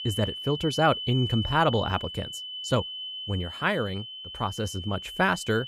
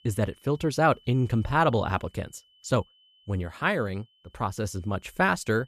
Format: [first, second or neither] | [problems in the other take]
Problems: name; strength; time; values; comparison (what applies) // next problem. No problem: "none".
second | high-pitched whine; loud; throughout; 3 kHz, 7 dB below the speech; faint in the second